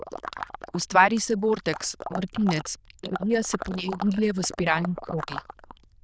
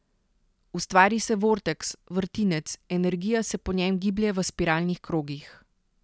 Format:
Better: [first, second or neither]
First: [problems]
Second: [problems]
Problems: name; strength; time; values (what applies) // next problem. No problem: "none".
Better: second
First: noise reduction (neural diffusion model UNIVERSE++)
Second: none